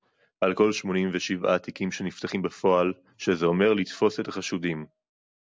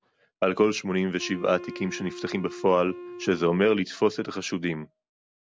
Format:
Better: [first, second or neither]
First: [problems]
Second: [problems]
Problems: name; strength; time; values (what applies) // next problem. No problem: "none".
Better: first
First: none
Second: background sound (Wind instrument, woodwind instrument); 14 dB below the speech